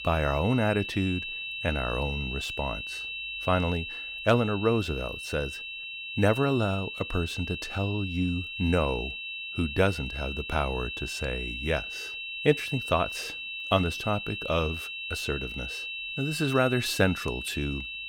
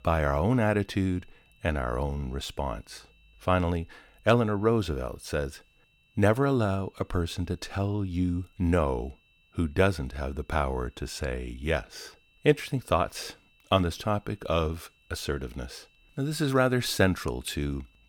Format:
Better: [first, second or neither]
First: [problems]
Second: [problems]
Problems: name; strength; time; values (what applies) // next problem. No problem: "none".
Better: second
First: high-pitched whine; loud; throughout; 2.5 kHz, 5 dB below the speech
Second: high-pitched whine; faint; throughout; 2.5 kHz, 35 dB below the speech